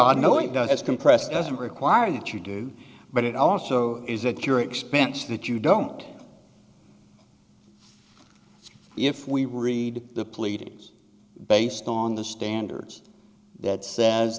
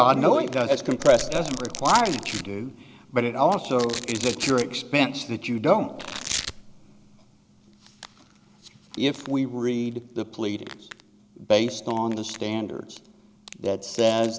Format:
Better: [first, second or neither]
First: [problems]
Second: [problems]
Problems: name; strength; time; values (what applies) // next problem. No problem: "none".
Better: first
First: none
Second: background sound (Domestic sounds, home sounds); 13 dB below the speech